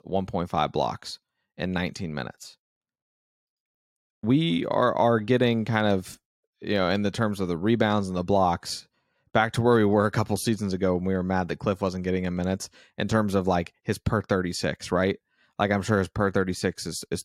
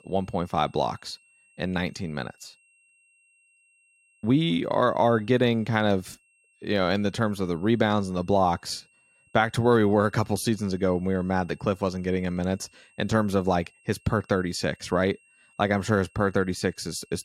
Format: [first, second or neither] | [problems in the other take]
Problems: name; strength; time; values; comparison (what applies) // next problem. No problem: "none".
first | high-pitched whine; faint; throughout; 2.5 kHz, 35 dB below the speech